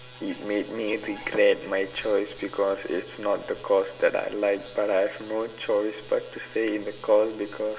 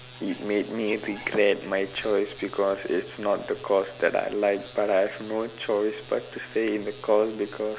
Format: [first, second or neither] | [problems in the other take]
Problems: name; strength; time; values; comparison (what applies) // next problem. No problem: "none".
second | room echo; dies away in 0.8 s